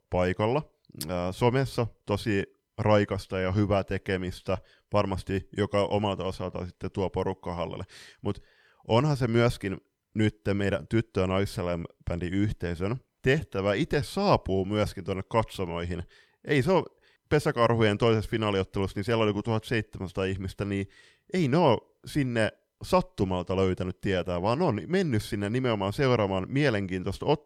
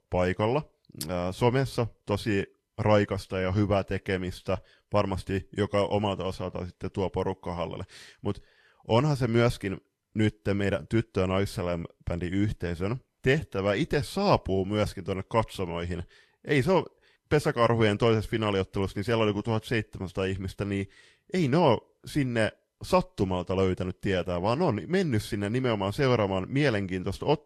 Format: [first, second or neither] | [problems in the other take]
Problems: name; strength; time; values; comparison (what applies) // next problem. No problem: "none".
first | garbled, watery; slightly; nothing above 12.5 kHz